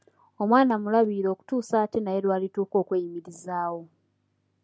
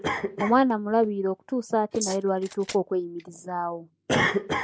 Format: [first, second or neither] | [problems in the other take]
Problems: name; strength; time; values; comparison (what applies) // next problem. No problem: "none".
first | noise reduction (neural mask model Resemble Enhance denoiser)